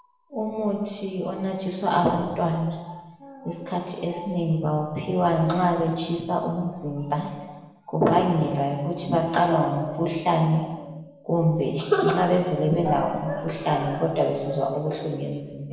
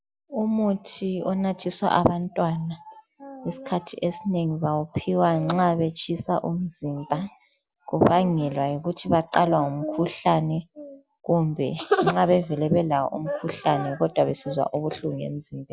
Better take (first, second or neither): second